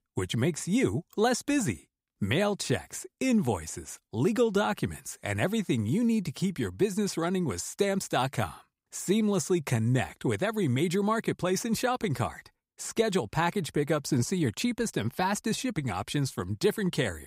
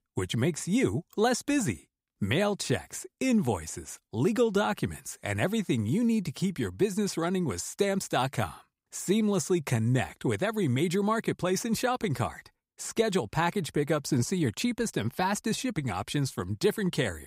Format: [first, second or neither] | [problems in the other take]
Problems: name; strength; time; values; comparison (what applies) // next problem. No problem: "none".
neither | none